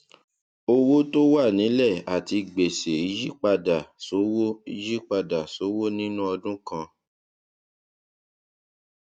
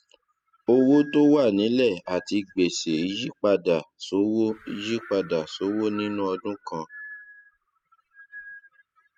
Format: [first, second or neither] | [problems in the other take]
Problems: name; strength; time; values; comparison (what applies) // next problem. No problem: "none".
first | noise reduction (classical method spectral subtraction)